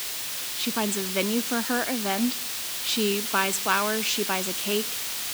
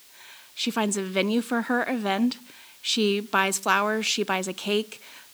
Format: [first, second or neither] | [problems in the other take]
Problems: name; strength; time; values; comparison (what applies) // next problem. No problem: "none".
second | hiss; loud; throughout; 1 dB below the speech; faint in the second